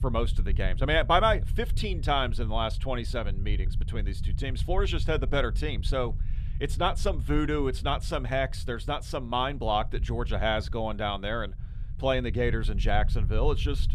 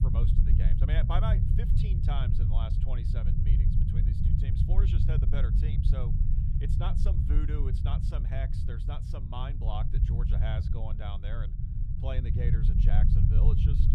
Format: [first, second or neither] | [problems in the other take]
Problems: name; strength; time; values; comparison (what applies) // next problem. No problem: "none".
first | low rumble; loud; throughout; 1 dB below the speech; faint in the first